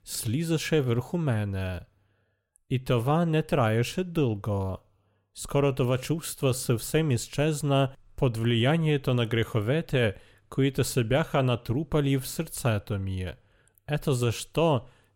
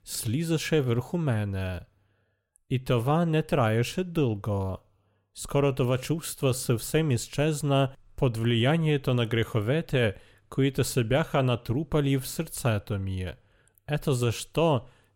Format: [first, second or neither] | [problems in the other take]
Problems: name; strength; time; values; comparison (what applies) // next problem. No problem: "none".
neither | none